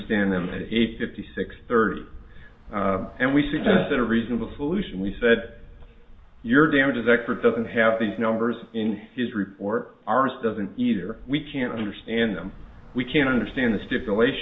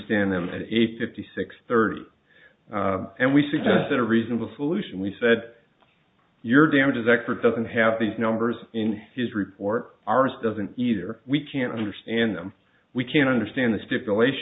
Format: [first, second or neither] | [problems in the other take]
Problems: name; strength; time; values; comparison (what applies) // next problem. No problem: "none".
second | background sound (Traffic noise, roadway noise / Bus); 19 dB below the speech // room echo; dies away in 0.6 s